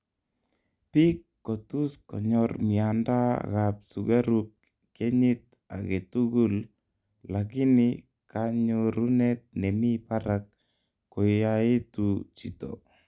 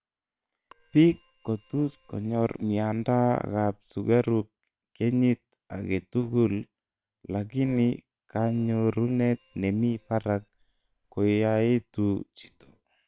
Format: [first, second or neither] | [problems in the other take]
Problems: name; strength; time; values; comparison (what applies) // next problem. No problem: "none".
first | noise reduction (neural separator model SepFormer WHAM!)